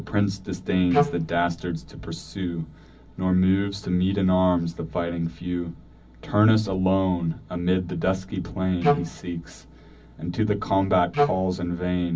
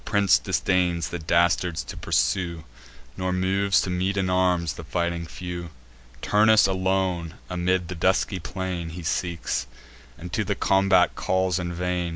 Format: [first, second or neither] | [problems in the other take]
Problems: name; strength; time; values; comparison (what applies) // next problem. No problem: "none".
second | background sound (Wind instrument, woodwind instrument); 1 dB below the speech // room echo; dies away in 0.4 s